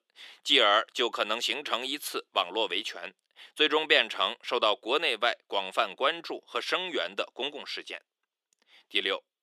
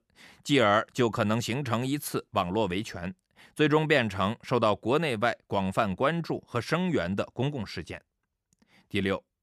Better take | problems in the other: second | thin; very; fading below 350 Hz

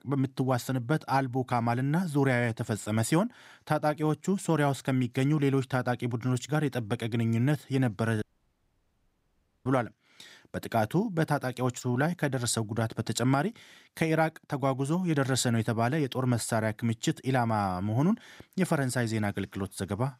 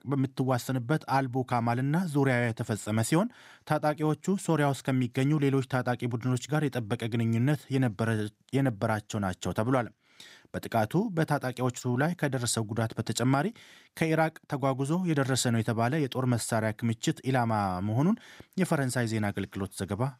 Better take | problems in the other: second | audio cutting out; at 8 s for 1.5 s

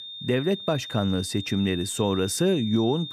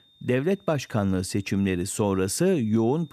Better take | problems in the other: second | high-pitched whine; loud; throughout; 3.5 kHz, 10 dB below the speech; faint in the second

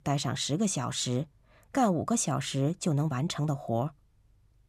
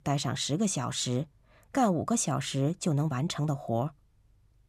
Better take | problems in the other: neither | none

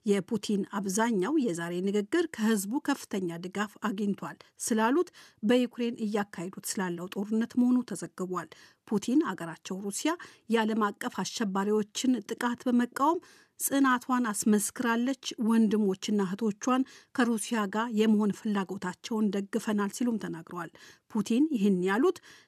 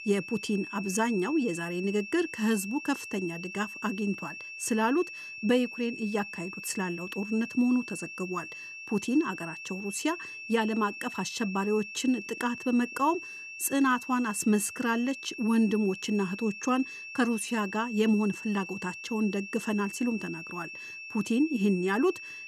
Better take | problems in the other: first | high-pitched whine; loud; throughout; 2.5 kHz, 10 dB below the speech

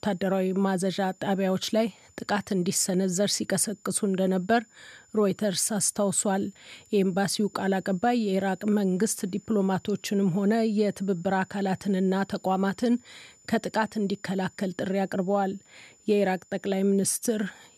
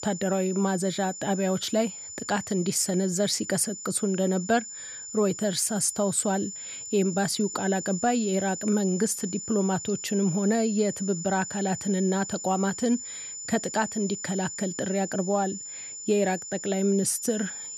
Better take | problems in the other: first | high-pitched whine; loud; throughout; 7 kHz, 8 dB below the speech; faint in the first

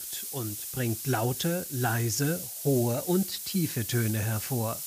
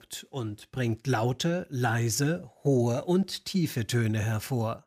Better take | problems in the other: second | hiss; loud; throughout; 5 dB below the speech

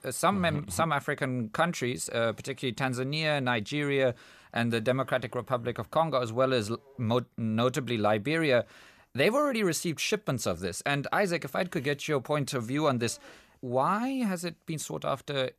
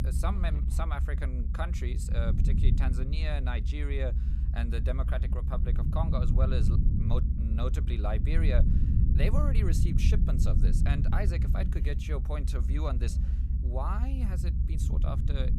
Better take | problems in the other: first | low rumble; loud; throughout; 5 dB below the speech

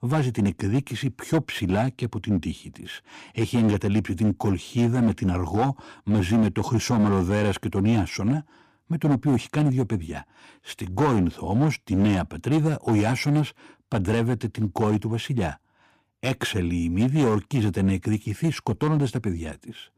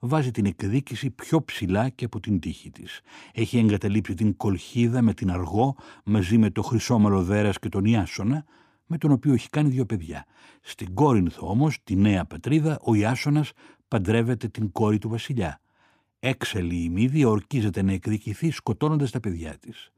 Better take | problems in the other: second | distortion; slight; 7% of the sound clipped

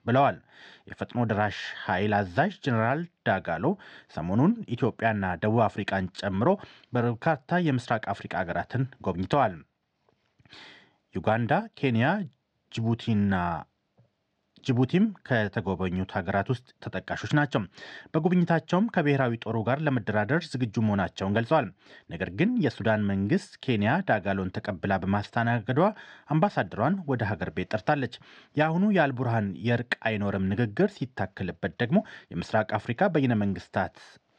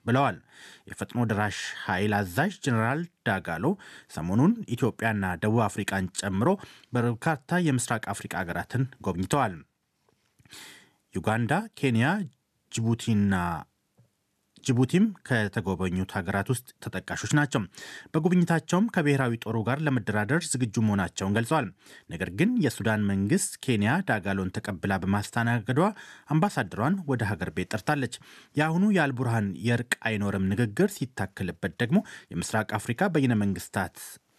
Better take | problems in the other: second | muffled; slightly; fading above 5 kHz

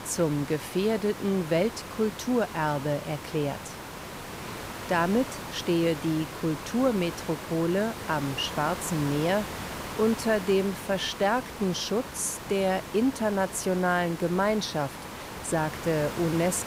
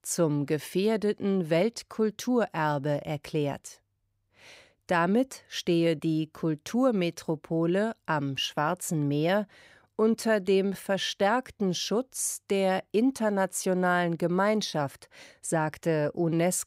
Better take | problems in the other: second | hiss; loud; throughout; 10 dB below the speech

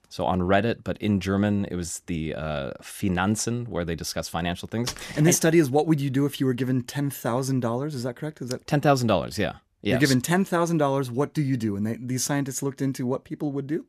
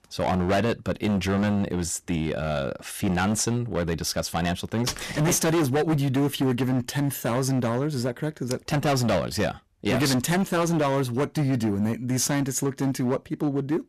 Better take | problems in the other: first | distortion; heavy; 16% of the sound clipped

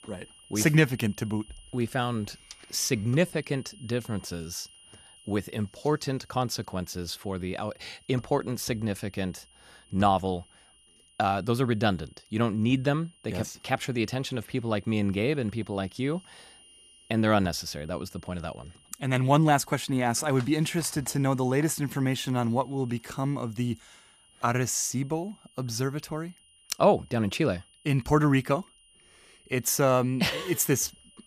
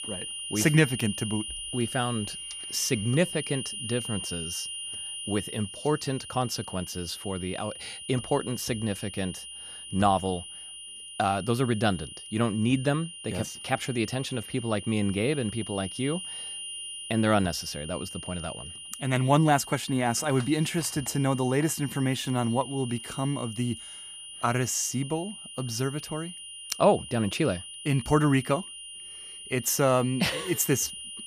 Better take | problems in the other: first | high-pitched whine; loud; throughout; 3 kHz, 9 dB below the speech; faint in the first

